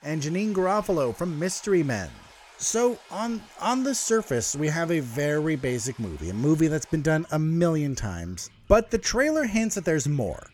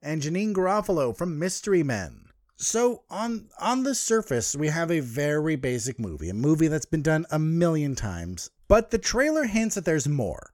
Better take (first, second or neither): second